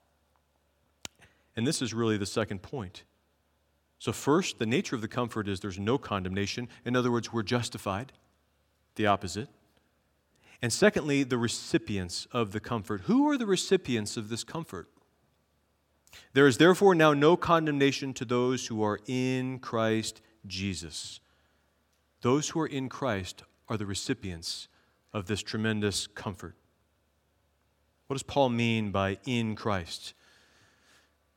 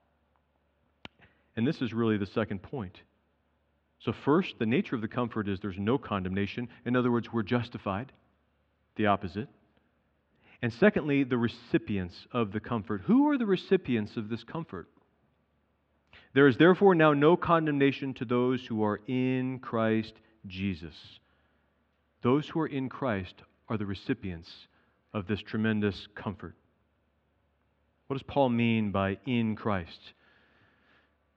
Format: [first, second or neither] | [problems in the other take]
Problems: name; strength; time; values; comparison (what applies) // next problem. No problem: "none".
first | muffled; very; fading above 3 kHz